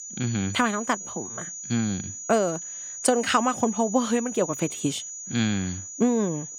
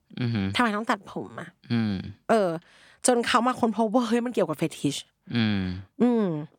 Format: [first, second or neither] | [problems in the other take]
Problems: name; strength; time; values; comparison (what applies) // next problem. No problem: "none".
second | high-pitched whine; loud; throughout; 7 kHz, 8 dB below the speech